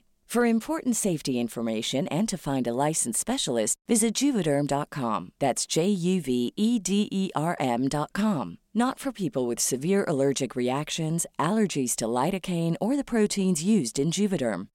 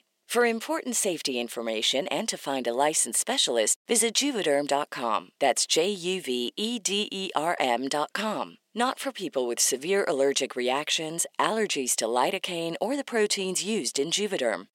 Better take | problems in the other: first | thin; somewhat; fading below 450 Hz

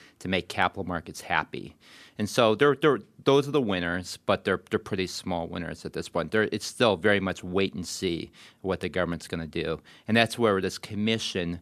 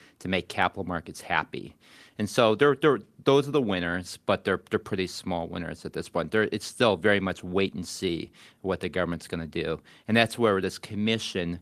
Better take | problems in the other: first | garbled, watery; slightly; nothing above 14 kHz

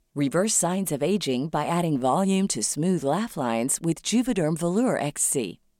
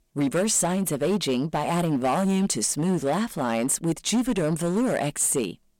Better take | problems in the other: first | distortion; slight; 11% of the sound clipped

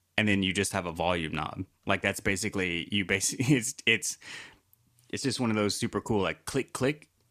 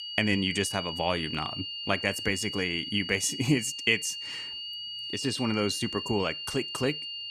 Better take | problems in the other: first | high-pitched whine; loud; throughout; 3 kHz, 6 dB below the speech

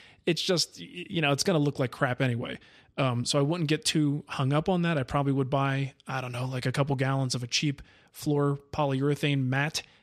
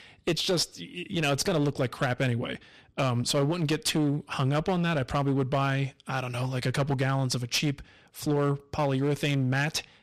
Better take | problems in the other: first | distortion; slight; 13% of the sound clipped

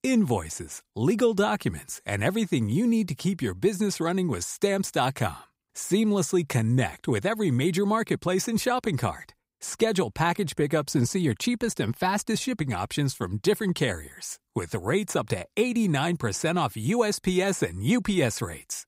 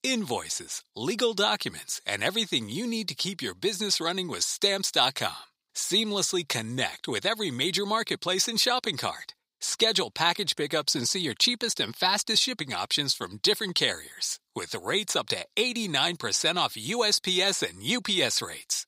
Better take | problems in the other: first | thin; somewhat; fading below 600 Hz

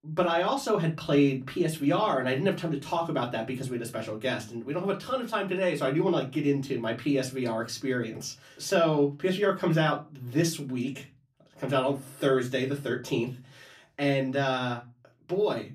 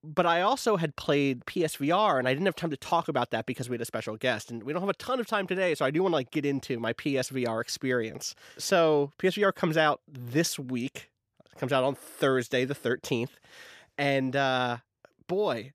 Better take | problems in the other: second | off-mic speech; far // room echo; very slight; dies away in 0.3 s

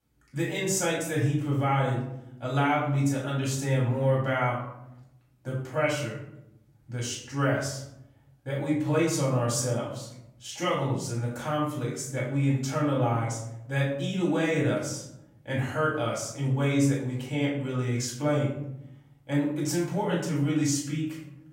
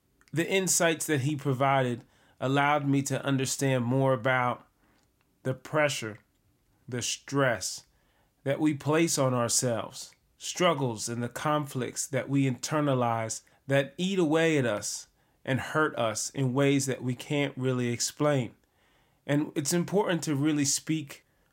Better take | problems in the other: second | off-mic speech; far // room echo; noticeable; dies away in 0.8 s

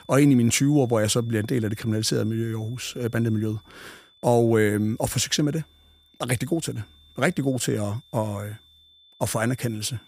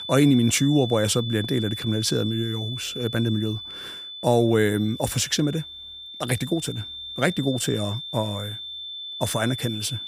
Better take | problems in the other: first | high-pitched whine; loud; throughout; 3.5 kHz, 9 dB below the speech; faint in the first

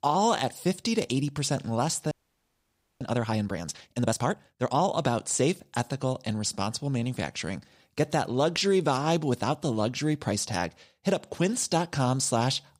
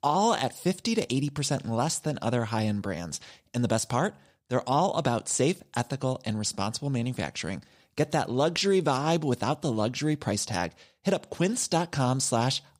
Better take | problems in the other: second | audio freezing; at 2 s for 1 s

